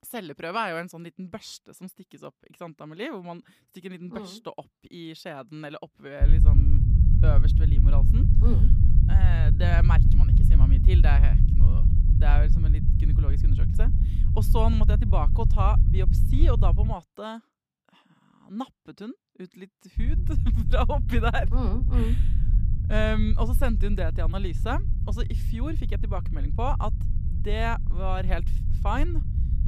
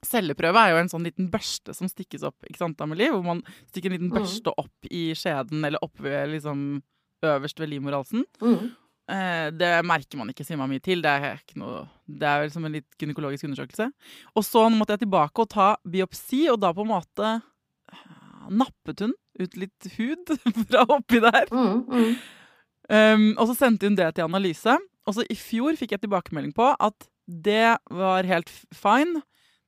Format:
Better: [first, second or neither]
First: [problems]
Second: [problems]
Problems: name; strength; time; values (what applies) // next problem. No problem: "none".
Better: second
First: low rumble; loud; from 6 to 17 s and from 20 s on; 7 dB below the speech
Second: none